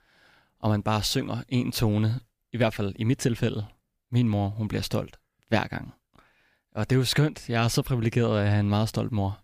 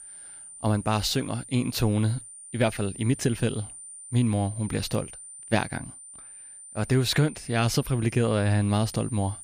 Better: first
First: none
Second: high-pitched whine; noticeable; throughout; 9 kHz, 15 dB below the speech

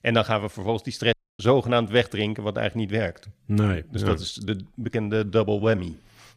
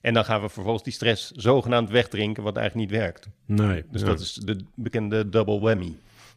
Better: second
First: audio cutting out; at 1 s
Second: none

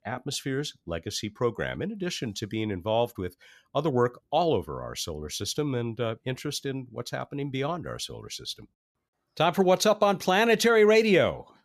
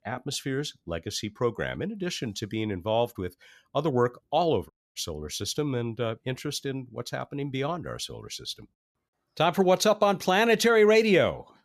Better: first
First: none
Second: audio cutting out; at 4.5 s

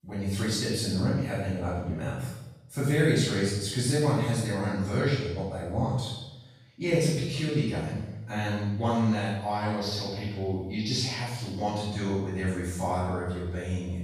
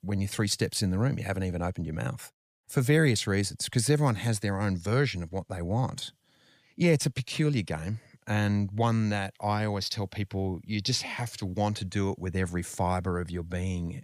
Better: second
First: off-mic speech; far // room echo; strong; dies away in 0.9 s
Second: none

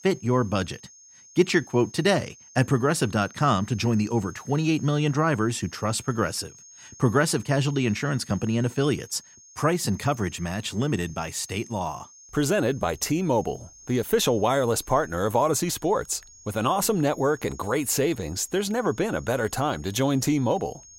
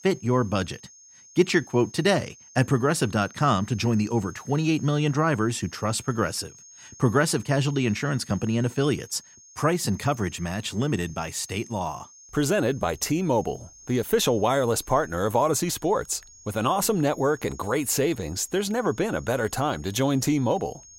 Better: neither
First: high-pitched whine; faint; throughout; 6.5 kHz, 20 dB below the speech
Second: high-pitched whine; faint; throughout; 6.5 kHz, 20 dB below the speech

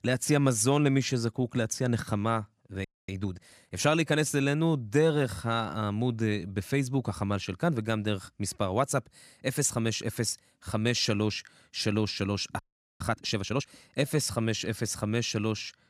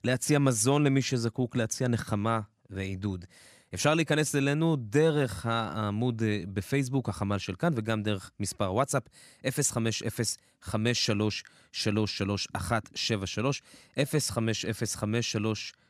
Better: second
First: audio freezing; at 3 s and at 13 s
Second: none

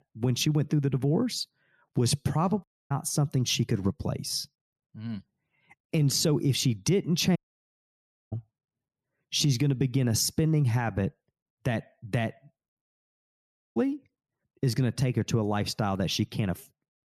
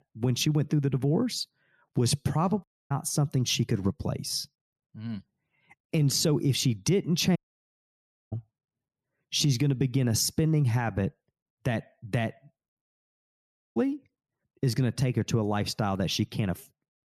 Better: neither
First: audio cutting out; at 2.5 s, at 7.5 s for 1 s and at 13 s for 1 s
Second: audio cutting out; at 2.5 s, at 7.5 s for 1 s and at 13 s for 1 s

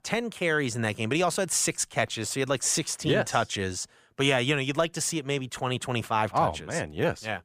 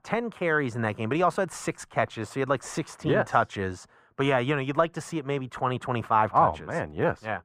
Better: first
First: none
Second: muffled; very; fading above 2.5 kHz

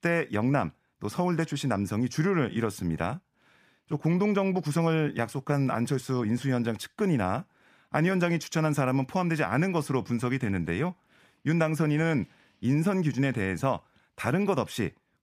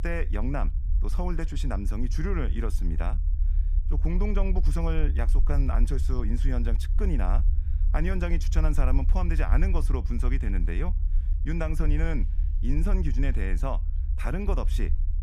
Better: first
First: none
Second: low rumble; noticeable; throughout; 15 dB below the speech

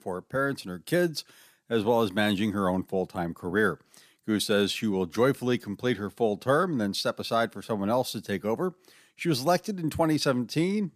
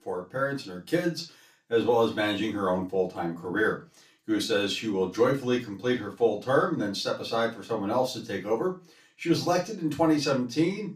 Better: first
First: none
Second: room echo; slight; dies away in 0.2 s // off-mic speech; far

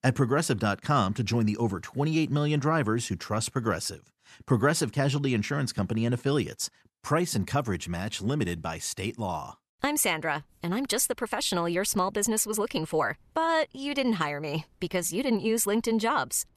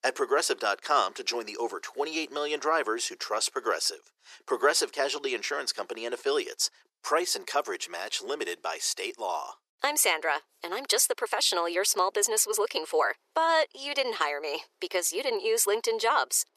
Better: first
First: none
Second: thin; very; fading below 400 Hz

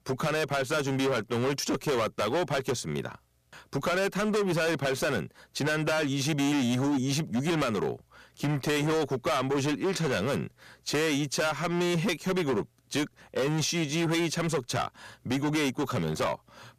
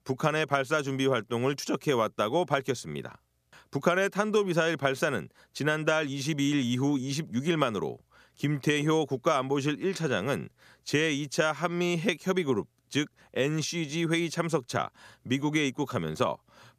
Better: second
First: distortion; heavy; 21% of the sound clipped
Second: none

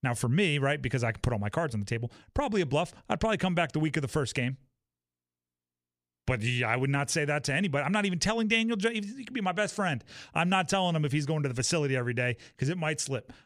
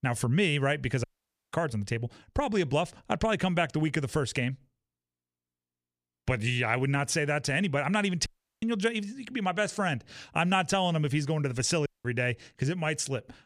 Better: first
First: none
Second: audio cutting out; at 1 s, at 8.5 s and at 12 s

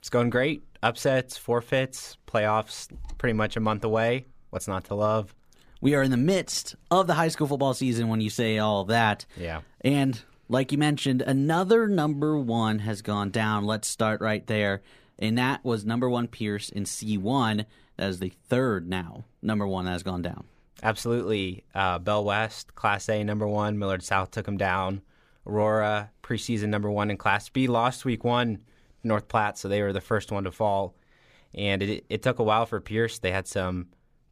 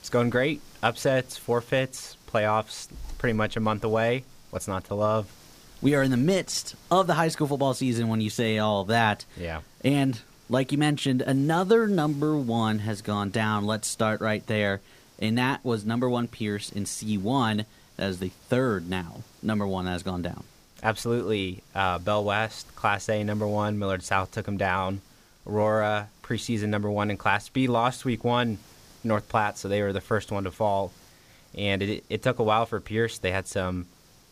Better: first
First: none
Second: hiss; faint; throughout; 25 dB below the speech

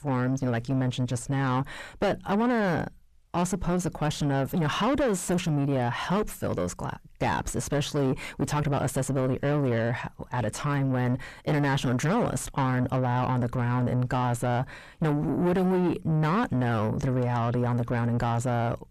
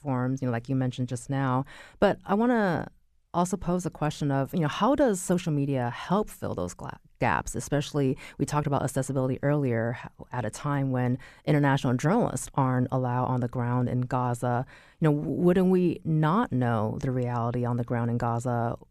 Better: second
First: distortion; heavy; 6 dB below the speech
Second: none

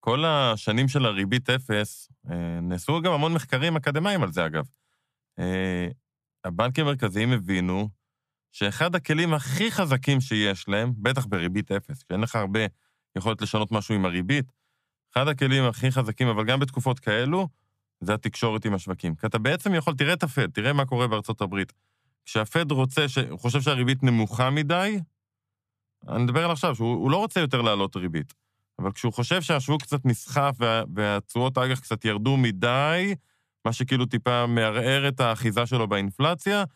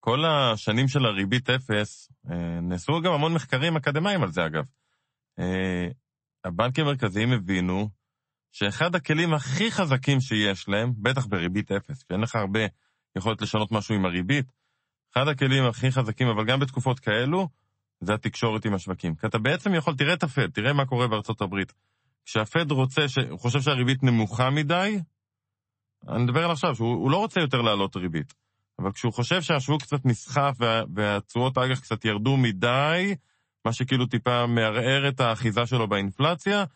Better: first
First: none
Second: garbled, watery; slightly; nothing above 8 kHz

